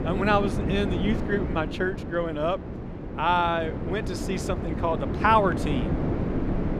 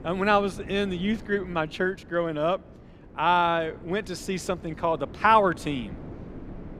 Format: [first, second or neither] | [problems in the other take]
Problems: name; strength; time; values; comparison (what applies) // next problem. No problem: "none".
second | wind noise on the microphone; heavy; 9 dB below the speech; occasional gusts in the second